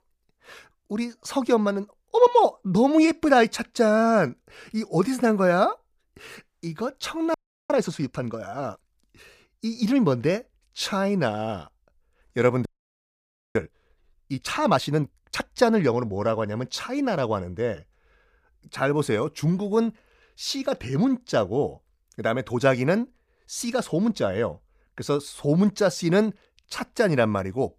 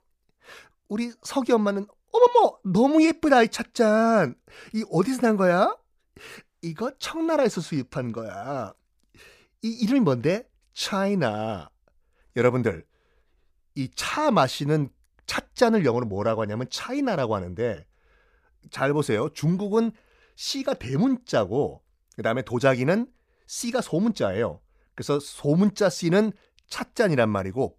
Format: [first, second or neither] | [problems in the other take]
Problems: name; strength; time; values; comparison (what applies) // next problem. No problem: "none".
second | audio freezing; at 7.5 s and at 13 s for 1 s